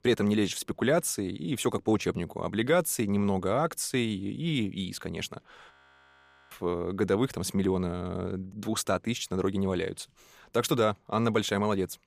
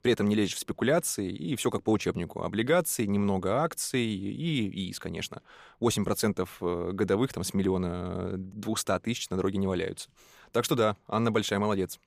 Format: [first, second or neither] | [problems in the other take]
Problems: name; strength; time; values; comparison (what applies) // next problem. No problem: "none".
second | audio freezing; at 5.5 s for 1 s